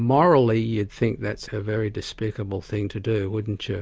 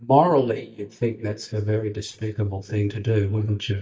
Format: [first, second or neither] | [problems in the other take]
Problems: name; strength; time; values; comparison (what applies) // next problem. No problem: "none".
first | noise reduction (neural mask model DeepFilterNet 3)